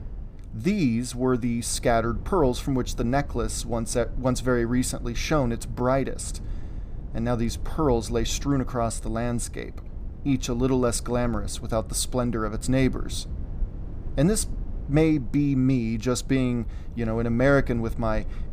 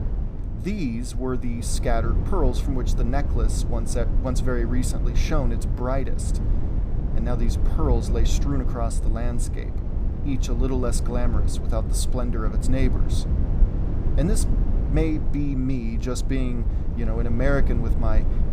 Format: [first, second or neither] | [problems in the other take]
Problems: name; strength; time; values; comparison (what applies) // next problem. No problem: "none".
first | low rumble; loud; throughout; 8 dB below the speech; faint in the first